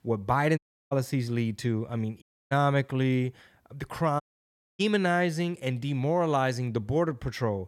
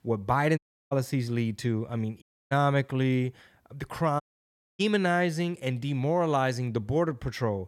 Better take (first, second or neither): neither